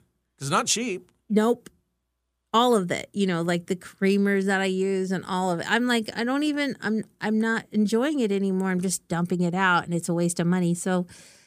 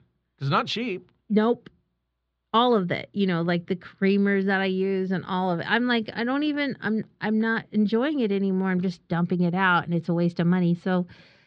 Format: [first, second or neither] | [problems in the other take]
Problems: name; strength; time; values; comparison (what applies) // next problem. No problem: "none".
first | muffled; slightly; fading above 4 kHz